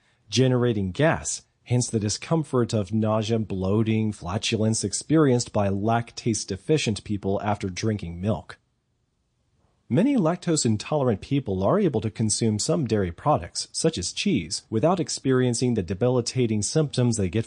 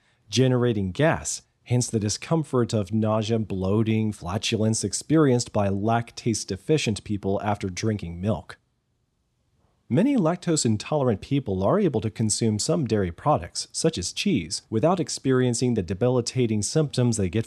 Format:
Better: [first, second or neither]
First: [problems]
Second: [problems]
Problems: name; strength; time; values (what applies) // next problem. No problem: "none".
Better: second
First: garbled, watery; slightly; nothing above 9 kHz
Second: none